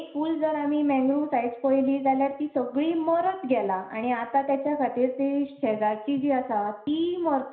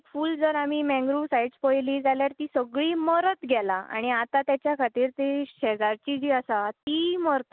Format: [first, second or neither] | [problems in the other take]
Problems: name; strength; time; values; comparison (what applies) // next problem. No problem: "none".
second | room echo; dies away in 0.5 s